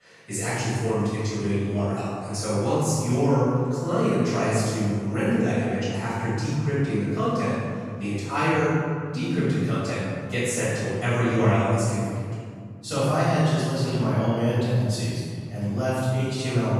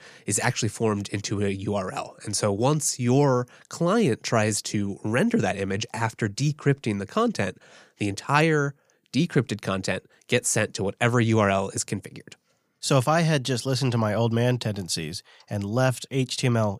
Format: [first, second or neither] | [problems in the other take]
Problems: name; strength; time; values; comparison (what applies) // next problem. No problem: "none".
second | room echo; strong; dies away in 2.2 s // off-mic speech; far